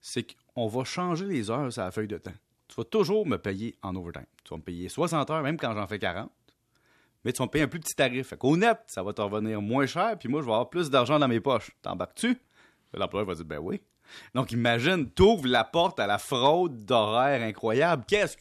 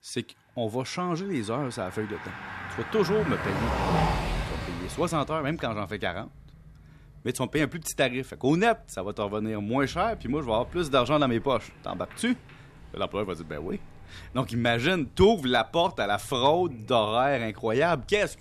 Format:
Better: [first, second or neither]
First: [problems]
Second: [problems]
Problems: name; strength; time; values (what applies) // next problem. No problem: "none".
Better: first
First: none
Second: traffic noise; loud; throughout; 7 dB below the speech